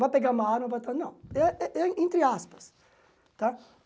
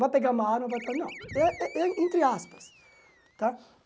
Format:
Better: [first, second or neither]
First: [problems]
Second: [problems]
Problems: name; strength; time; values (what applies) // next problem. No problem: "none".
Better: first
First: none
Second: background sound (Animal); 19 dB below the speech